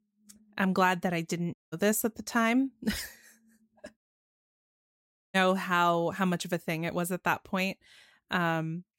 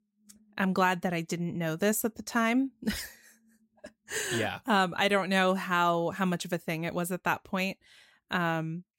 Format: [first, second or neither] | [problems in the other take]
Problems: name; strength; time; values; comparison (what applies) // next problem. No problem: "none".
second | audio cutting out; at 1.5 s and at 4 s for 1.5 s